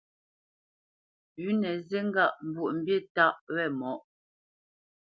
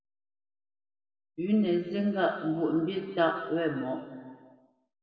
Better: first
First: none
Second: room echo; dies away in 1.7 s

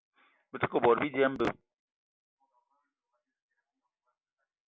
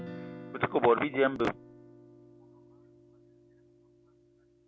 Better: first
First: none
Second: background sound (Guitar); 16 dB below the speech

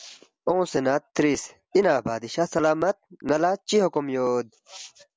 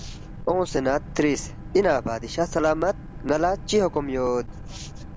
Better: first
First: none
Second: background sound (Boat, Water vehicle); 12 dB below the speech

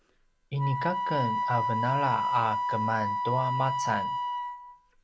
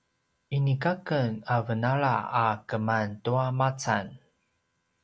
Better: second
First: background sound (Wind instrument, woodwind instrument); 1 dB above the speech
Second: none

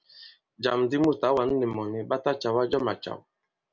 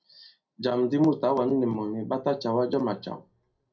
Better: first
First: none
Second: room echo; dies away in 0.3 s

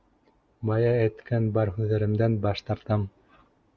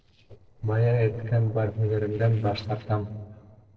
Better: first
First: none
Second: noise reduction (neural separator model SepFormer DNS4)

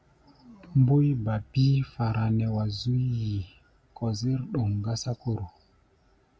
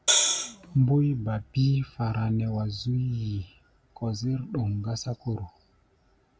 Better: first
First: none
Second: background sound (Hi-hat); 4 dB above the speech

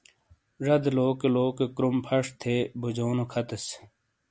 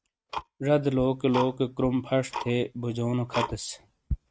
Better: first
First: none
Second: noise reduction (neural mask model RNNoise)

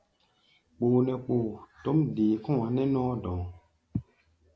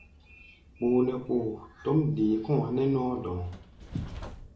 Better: first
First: none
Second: background sound (Train); 18 dB below the speech // room echo; dies away in 0.4 s

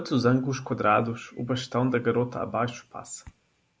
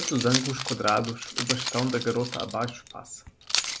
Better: first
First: none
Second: background sound (Keys jangling); 4 dB below the speech

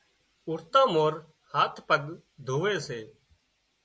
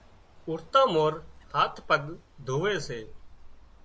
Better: first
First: none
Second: background sound (Bird); 18 dB below the speech

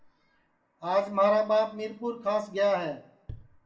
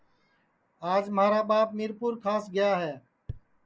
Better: second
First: room echo; dies away in 0.4 s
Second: none

